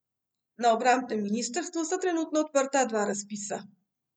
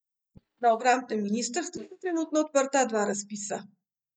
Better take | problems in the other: first | noise reduction (neural mask model DeepFilterNet 3)

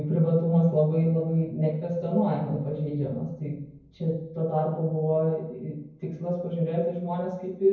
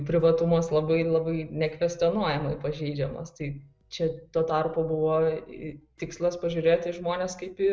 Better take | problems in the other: second | room echo; dies away in 0.9 s

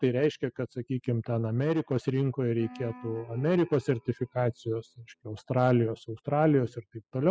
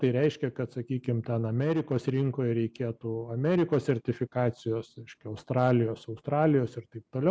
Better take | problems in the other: second | noise reduction (classical method spectral subtraction)

